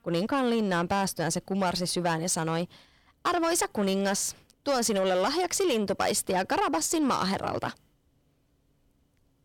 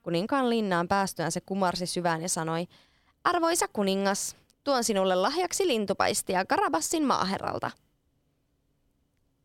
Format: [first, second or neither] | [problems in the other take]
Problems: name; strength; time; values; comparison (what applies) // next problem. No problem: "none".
second | distortion; slight; 10 dB below the speech